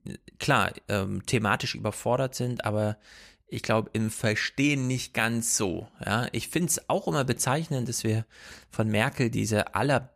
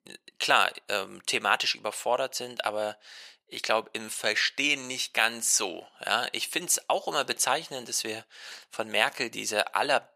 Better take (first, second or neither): first